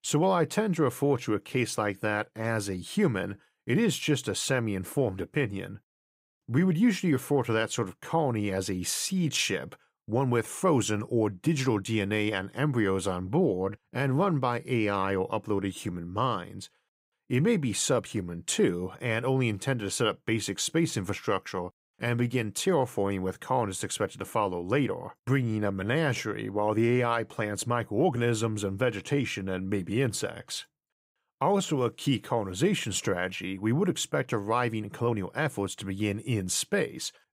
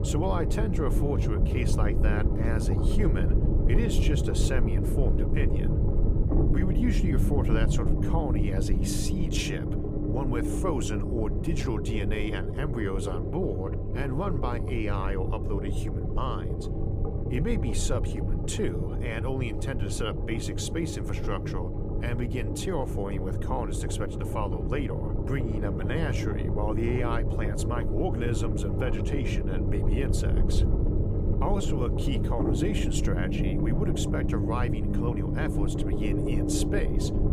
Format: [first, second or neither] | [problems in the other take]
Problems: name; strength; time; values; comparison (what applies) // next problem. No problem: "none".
first | low rumble; loud; throughout; 2 dB below the speech